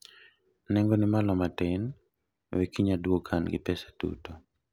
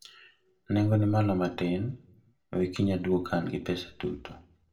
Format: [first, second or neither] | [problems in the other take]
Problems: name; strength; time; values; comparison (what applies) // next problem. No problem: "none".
first | room echo; dies away in 0.3 s